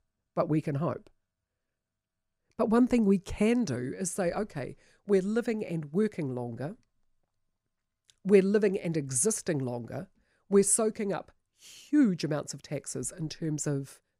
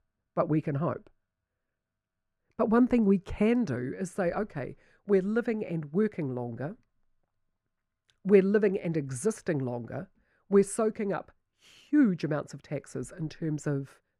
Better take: first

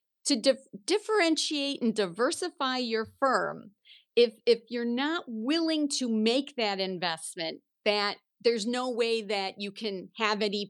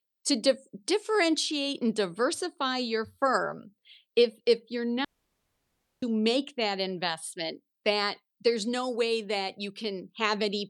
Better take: first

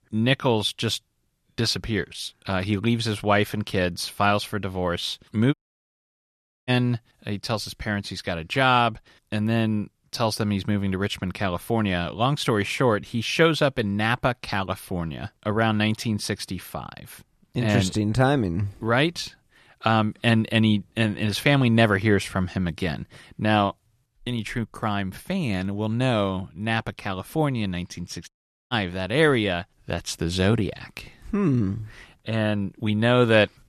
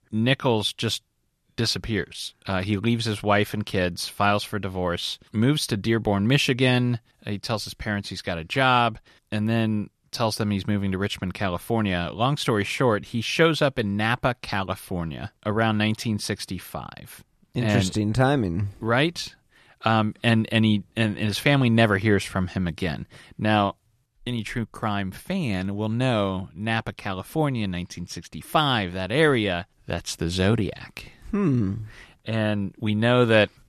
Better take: second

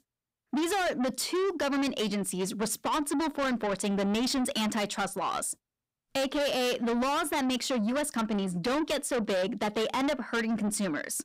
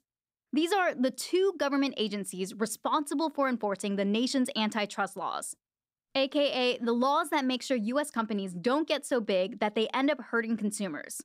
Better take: second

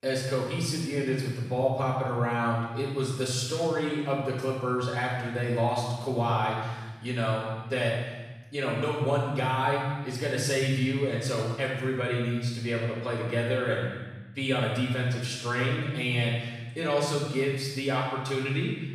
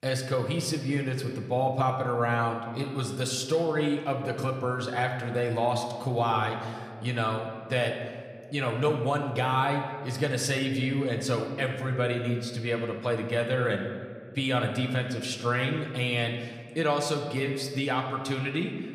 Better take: second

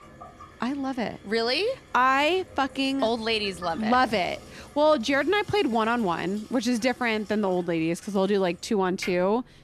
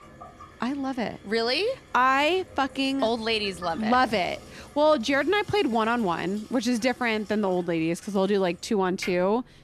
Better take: neither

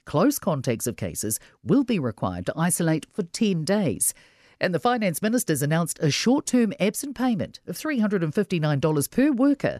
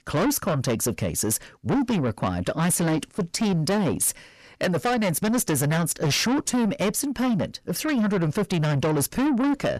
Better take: first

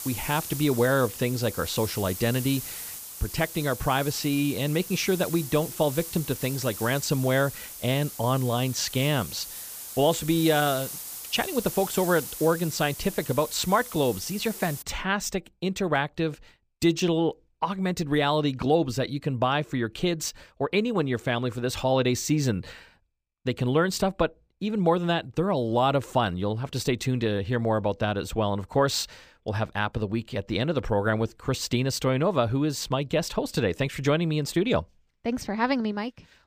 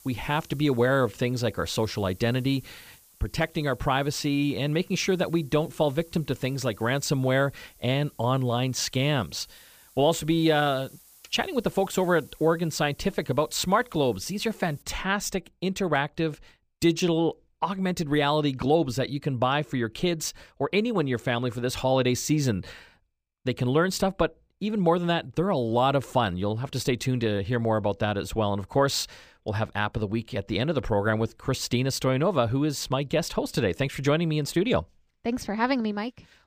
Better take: second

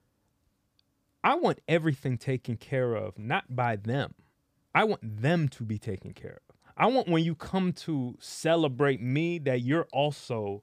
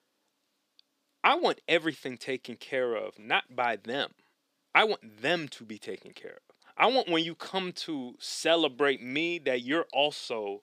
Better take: first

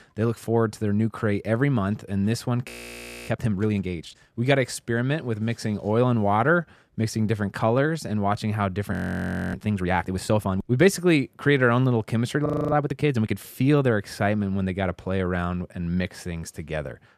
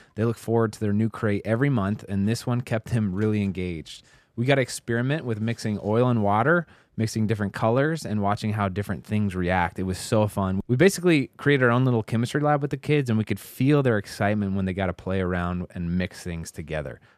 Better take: second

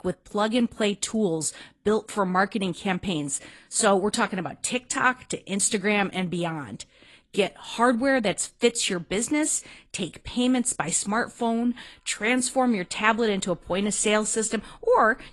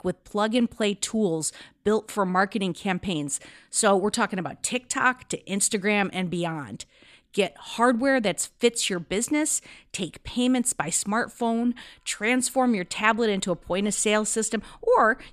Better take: second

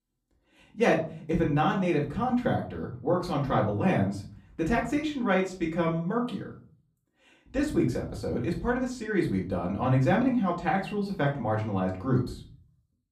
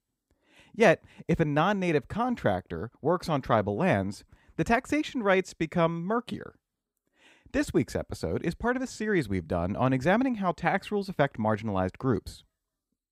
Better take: second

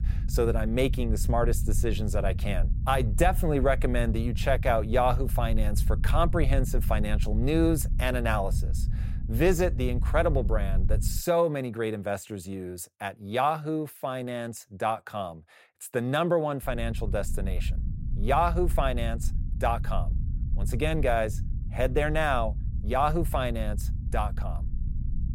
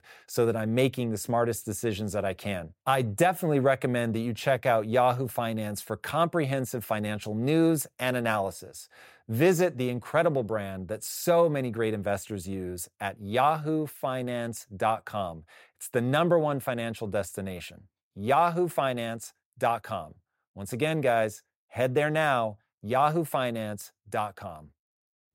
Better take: second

